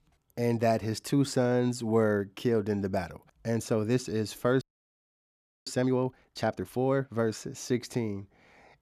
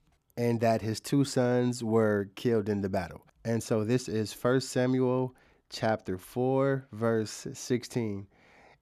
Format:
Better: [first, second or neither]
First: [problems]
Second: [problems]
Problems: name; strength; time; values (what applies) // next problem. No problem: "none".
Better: second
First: audio freezing; at 4.5 s for 1 s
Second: none